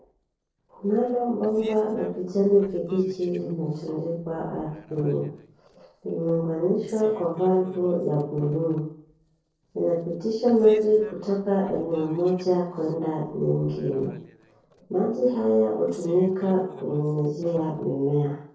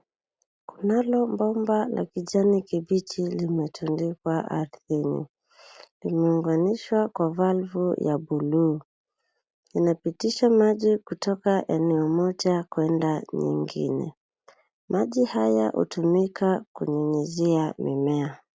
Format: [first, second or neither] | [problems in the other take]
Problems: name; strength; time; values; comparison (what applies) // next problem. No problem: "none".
second | noise reduction (neural separator model SepFormer DNS4)